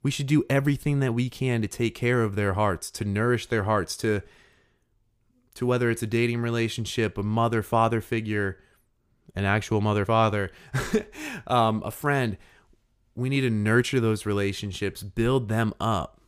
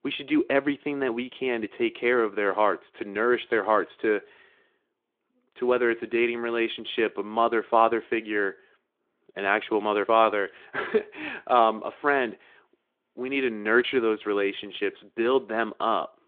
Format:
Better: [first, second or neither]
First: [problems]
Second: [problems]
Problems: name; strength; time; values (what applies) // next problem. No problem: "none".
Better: first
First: none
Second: phone-call audio; nothing above 3.5 kHz